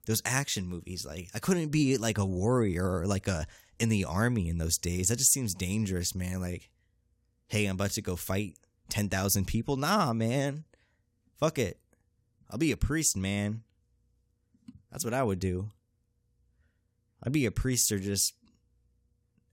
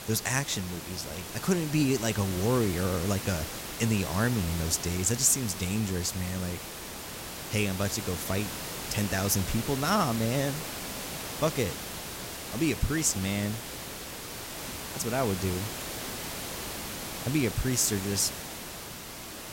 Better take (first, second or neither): first